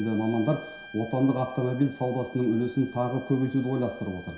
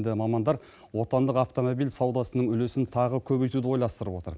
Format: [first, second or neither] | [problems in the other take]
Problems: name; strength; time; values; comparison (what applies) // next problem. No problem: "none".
second | background sound (Bowed string instrument); 19 dB below the speech // room echo; dies away in 0.7 s